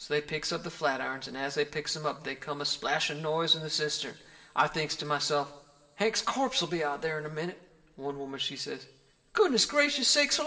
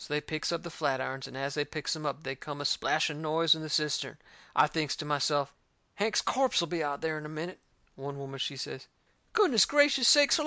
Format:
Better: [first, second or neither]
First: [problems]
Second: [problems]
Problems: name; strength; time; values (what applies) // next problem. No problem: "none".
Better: second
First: room echo; dies away in 2 s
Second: none